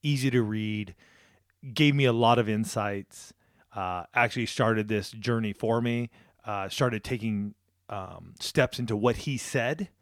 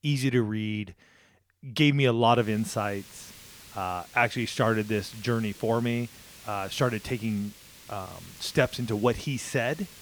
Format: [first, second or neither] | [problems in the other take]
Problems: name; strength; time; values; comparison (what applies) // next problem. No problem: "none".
first | hiss; noticeable; from 2.5 s on; 20 dB below the speech